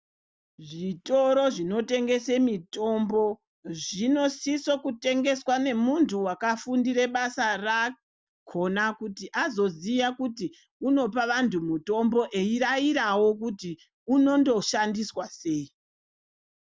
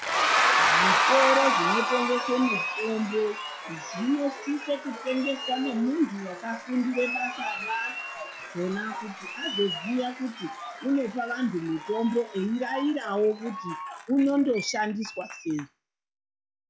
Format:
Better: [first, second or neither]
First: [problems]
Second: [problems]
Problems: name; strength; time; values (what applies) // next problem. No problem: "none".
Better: first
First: none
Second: noise reduction (classical method log-MMSE)